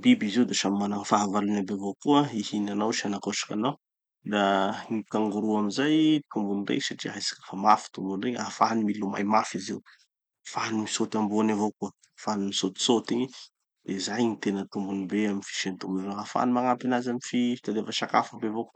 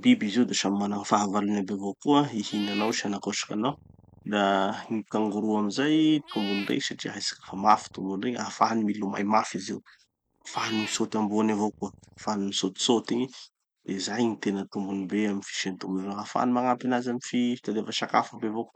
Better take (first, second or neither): first